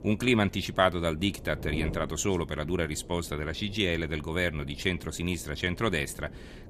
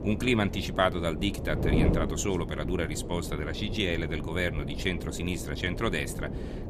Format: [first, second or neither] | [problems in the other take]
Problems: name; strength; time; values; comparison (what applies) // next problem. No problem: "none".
first | wind noise on the microphone; heavy; 8 dB below the speech; occasional gusts in the first